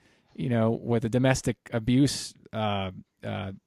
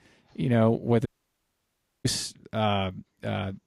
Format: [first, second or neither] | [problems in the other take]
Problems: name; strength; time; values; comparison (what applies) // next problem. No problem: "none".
first | audio cutting out; at 1 s for 1 s